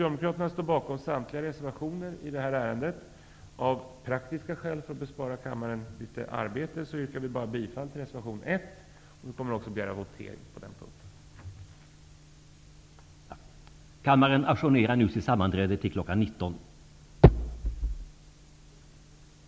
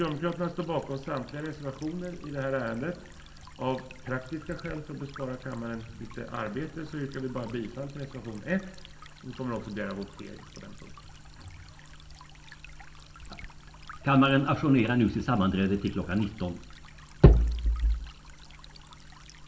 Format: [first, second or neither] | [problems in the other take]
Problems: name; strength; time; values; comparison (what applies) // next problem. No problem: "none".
first | background sound (Stream); 19 dB below the speech // room echo; dies away in 0.3 s